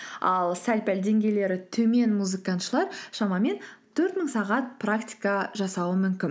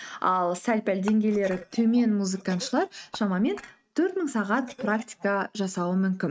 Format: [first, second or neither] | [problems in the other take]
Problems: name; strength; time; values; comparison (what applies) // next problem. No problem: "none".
first | noise reduction (neural mask model RNNoise)